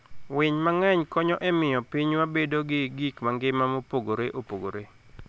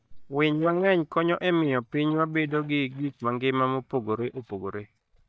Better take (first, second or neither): first